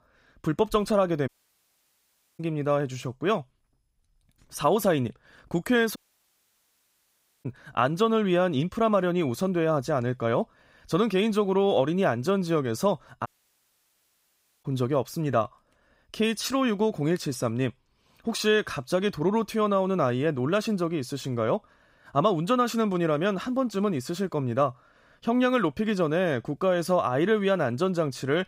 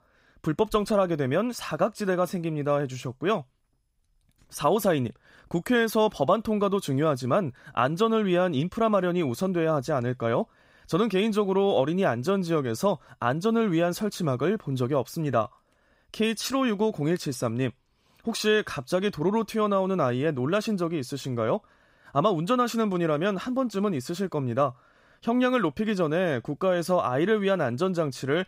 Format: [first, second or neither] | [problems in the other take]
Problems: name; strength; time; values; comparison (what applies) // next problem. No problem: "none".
second | audio cutting out; at 1.5 s for 1 s, at 6 s for 1.5 s and at 13 s for 1.5 s